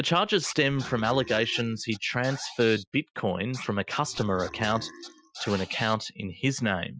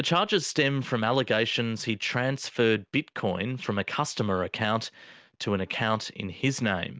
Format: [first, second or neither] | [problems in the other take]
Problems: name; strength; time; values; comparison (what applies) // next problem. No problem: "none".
second | noise reduction (classical method Wiener filter)